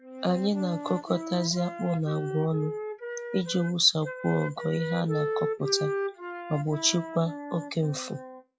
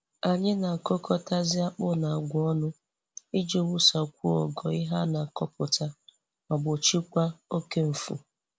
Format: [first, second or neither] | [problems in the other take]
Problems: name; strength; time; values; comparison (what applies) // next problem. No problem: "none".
second | noise reduction (classical method log-MMSE)